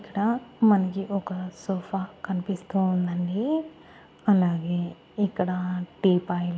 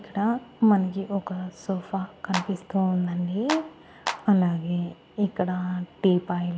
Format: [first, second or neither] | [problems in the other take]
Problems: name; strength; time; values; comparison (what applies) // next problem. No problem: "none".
first | background sound (Clapping); 8 dB below the speech